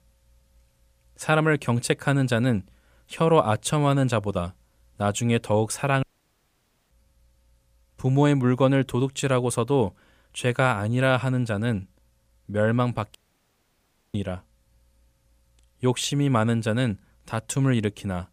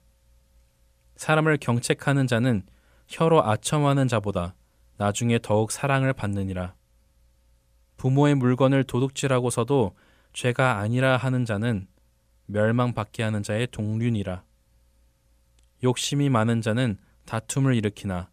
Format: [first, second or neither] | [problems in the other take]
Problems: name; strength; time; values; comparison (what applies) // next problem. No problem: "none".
second | audio cutting out; at 6 s for 1 s and at 13 s for 1 s